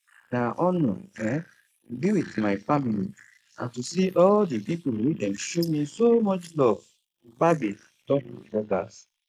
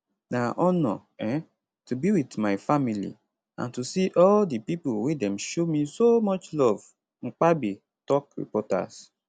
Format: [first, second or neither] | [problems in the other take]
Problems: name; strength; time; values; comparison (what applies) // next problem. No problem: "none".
second | noise reduction (neural mask model Resemble Enhance denoiser)